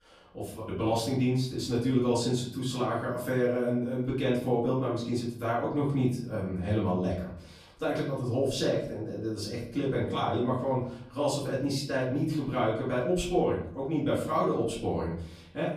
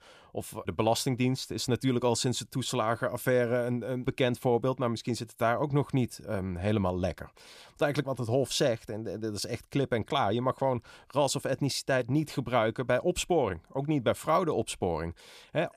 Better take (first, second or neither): second